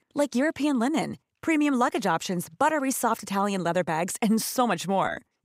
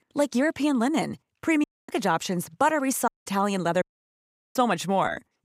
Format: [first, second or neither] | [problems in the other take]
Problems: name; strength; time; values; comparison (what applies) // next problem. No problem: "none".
first | audio cutting out; at 1.5 s, at 3 s and at 4 s for 0.5 s